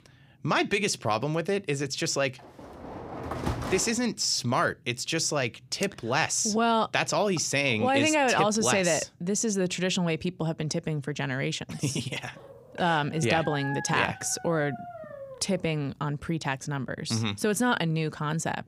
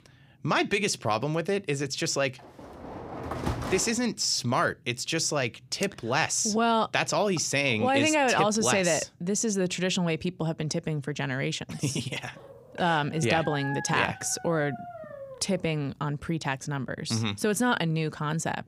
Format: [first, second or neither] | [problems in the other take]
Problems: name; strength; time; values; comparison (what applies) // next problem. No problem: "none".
neither | door banging; noticeable; from 2.5 to 4 s; peak 5 dB below the speech; the same in both // dog barking; noticeable; from 12 to 16 s; peak 8 dB below the speech; the same in both